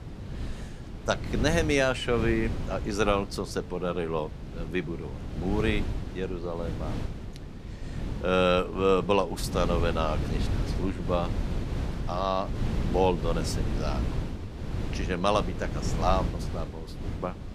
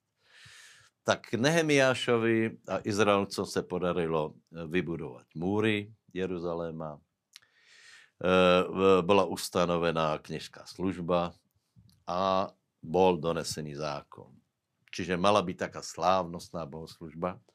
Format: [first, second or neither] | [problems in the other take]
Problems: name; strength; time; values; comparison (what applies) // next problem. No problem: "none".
second | wind noise on the microphone; occasional gusts; 15 dB below the speech